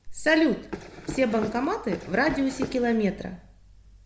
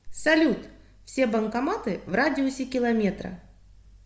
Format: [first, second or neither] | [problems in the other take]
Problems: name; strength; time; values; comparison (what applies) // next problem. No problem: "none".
second | background sound (Run); 10 dB below the speech